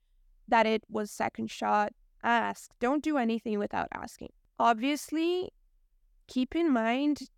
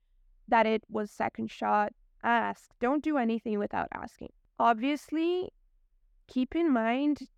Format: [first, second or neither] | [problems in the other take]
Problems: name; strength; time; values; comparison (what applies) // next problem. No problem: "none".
first | muffled; slightly; fading above 3.5 kHz